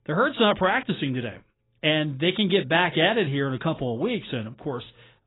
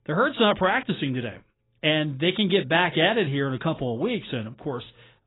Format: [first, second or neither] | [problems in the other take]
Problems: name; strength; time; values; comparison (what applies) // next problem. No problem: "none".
neither | garbled, watery; badly; nothing above 4 kHz; the same in both